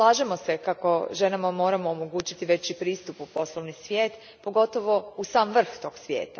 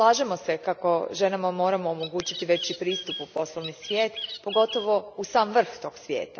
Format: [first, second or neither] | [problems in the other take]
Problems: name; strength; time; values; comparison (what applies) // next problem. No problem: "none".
first | background sound (Bird); 11 dB below the speech